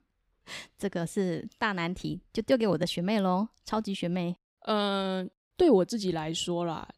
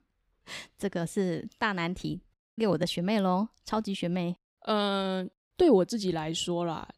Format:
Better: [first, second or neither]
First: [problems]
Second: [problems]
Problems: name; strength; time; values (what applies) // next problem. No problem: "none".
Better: first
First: none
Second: audio cutting out; at 2.5 s